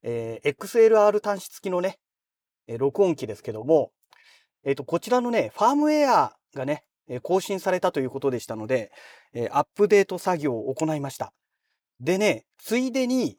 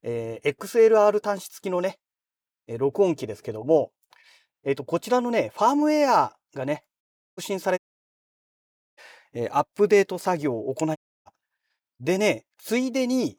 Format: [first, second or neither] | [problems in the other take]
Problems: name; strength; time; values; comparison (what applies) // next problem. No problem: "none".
first | audio cutting out; at 7 s, at 8 s for 1 s and at 11 s